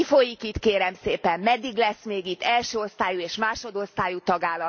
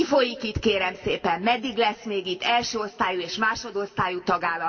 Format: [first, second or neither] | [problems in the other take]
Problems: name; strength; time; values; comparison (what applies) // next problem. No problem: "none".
first | room echo; dies away in 1.3 s